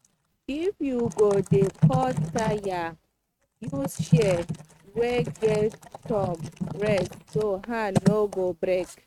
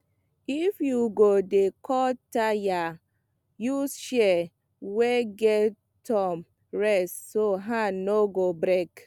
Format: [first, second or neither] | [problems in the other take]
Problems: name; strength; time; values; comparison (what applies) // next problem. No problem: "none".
second | noise reduction (neural mask model RNNoise)